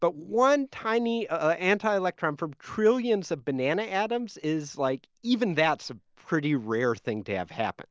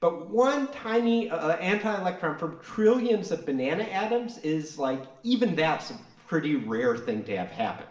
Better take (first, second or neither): first